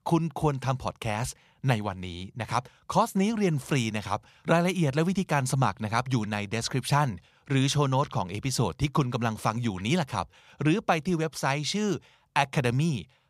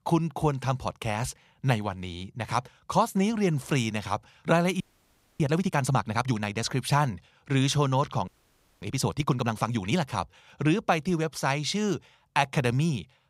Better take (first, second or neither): first